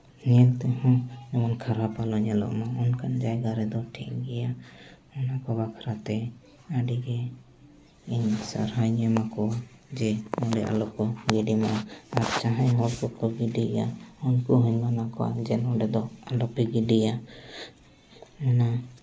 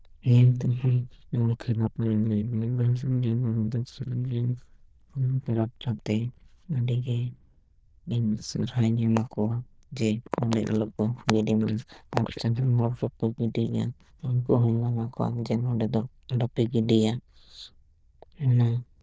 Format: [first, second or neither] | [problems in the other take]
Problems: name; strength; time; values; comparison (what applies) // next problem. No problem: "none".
first | noise reduction (neural diffusion model UNIVERSE++)